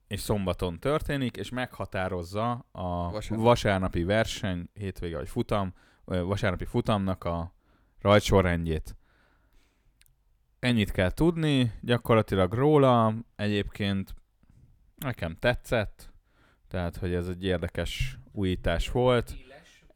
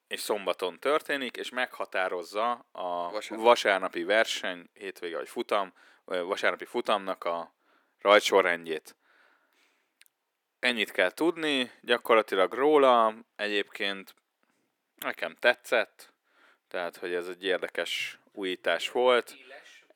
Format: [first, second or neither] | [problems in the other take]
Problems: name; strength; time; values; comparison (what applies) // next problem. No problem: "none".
first | thin; very; fading below 300 Hz